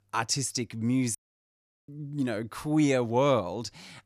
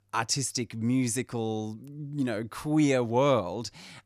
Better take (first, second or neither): second